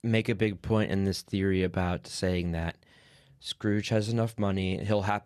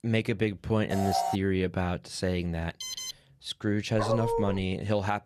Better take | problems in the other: first | alarm; loud; at 1 s; peak level with the speech // alarm; noticeable; at 3 s; peak 5 dB below the speech // dog barking; loud; at 4 s; peak 1 dB above the speech

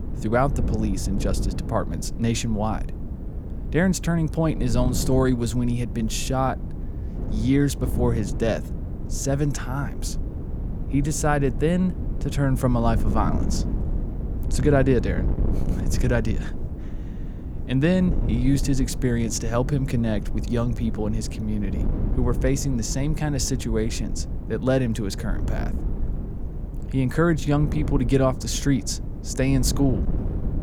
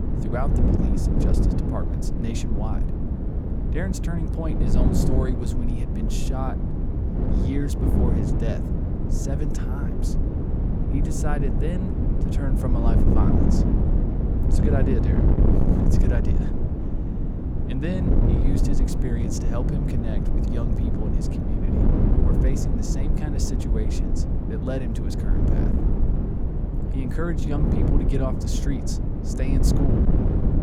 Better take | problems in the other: first | wind noise on the microphone; heavy; 2 dB above the speech; occasional gusts in the first

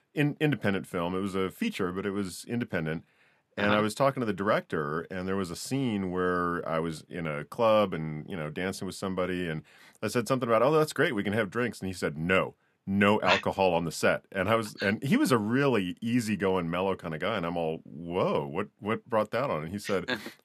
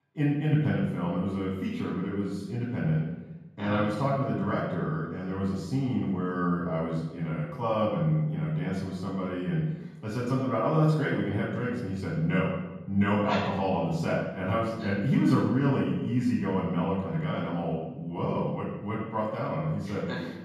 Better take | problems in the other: first | room echo; strong; dies away in 1.3 s // off-mic speech; far

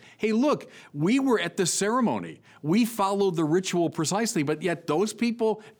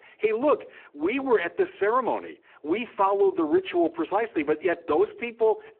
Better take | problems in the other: first | phone-call audio; poor line

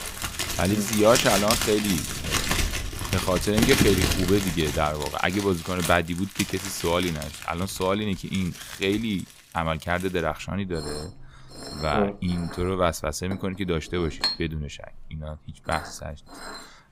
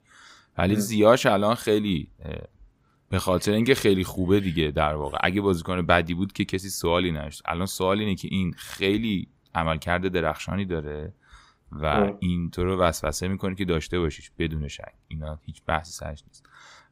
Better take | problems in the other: second | household noises; loud; throughout; 2 dB below the speech

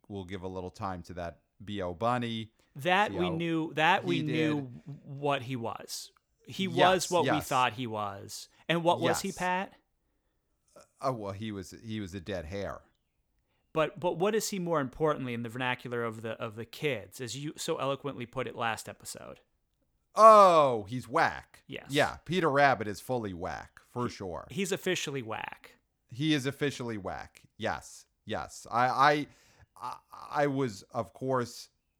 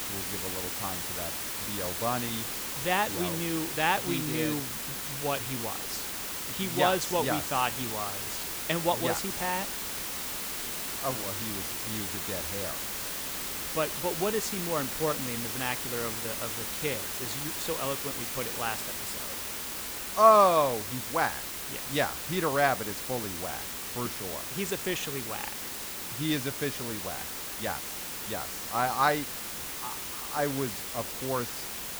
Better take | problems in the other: first | hiss; loud; throughout; 2 dB below the speech

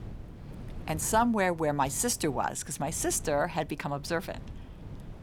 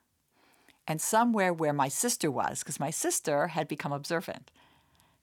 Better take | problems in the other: second | wind noise on the microphone; occasional gusts; 25 dB below the speech

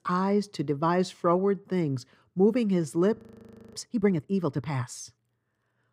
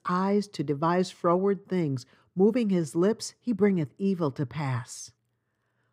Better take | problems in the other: second | audio freezing; at 3 s for 0.5 s

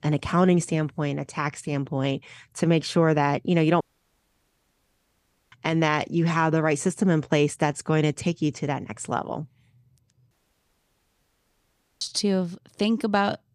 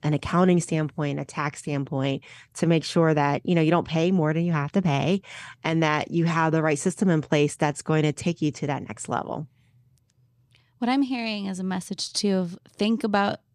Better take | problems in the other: second | audio cutting out; at 4 s for 1.5 s and at 10 s for 1.5 s

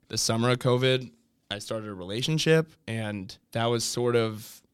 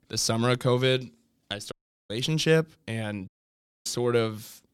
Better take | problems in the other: first | audio cutting out; at 1.5 s and at 3.5 s for 0.5 s

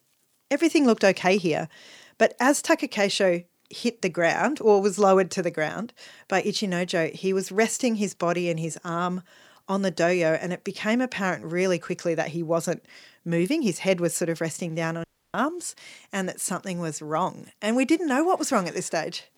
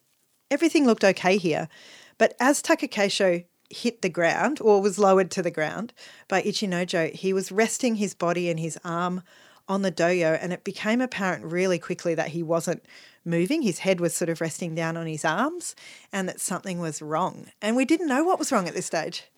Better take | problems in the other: second | audio cutting out; at 15 s

